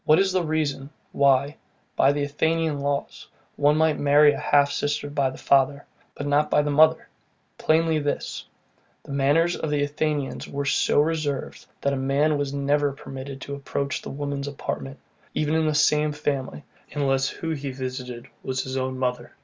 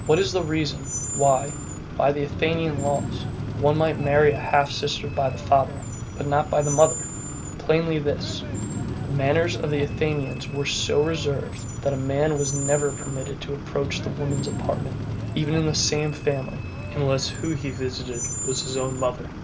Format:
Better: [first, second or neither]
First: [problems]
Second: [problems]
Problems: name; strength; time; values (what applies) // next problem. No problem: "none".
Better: first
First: none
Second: background sound (Screech); 6 dB below the speech